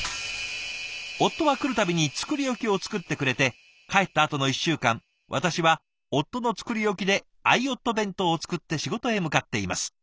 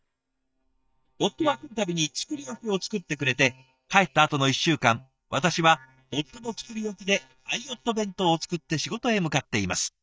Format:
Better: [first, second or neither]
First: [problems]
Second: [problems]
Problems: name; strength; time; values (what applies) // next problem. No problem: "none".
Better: first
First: none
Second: noise reduction (neural mask model DeepFilterNet 3)